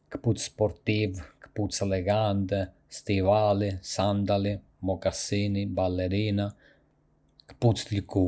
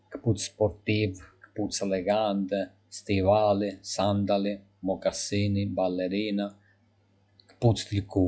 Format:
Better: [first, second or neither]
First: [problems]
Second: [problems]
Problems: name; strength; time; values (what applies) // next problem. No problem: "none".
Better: first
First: none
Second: noise reduction (classical method log-MMSE)